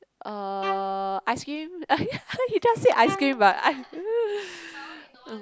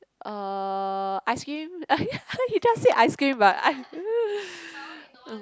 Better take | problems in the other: second | background sound (Bowed string instrument); 15 dB below the speech

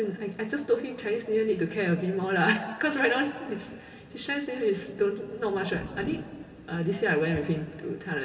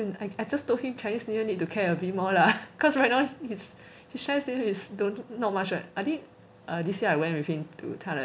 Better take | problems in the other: second | background sound (Thunder); 18 dB below the speech // room echo; dies away in 2.3 s

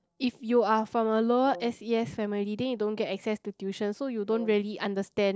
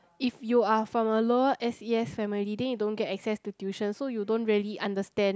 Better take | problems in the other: second | noise reduction (neural separator model SepFormer DNS4)

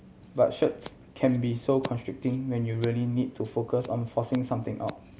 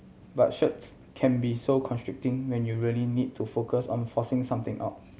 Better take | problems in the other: second | background sound (Scissors); 20 dB below the speech

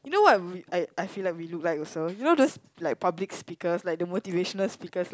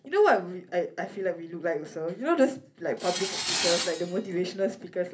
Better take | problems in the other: first | background sound (Tools); 3 dB below the speech // room echo; dies away in 0.3 s

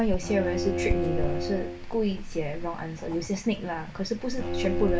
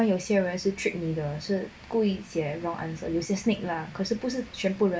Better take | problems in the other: second | background sound (Writing + Bowed string instrument); as loud as the speech

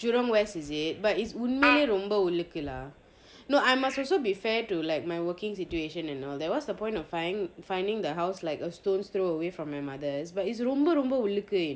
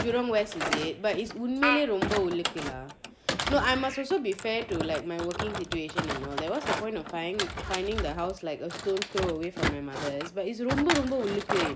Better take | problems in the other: first | background sound (Thump, thud); 5 dB below the speech

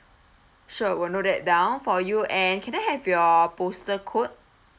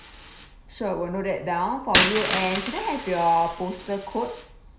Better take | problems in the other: first | background sound (Coin (dropping)); 4 dB below the speech // room echo; dies away in 0.5 s

